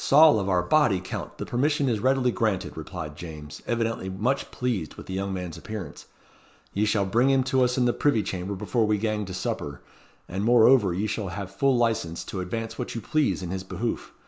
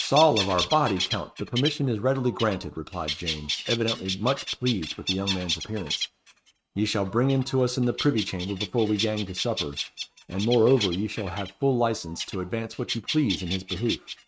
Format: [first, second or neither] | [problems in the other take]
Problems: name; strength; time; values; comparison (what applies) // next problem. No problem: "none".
first | noise reduction (neural mask model RNNoise)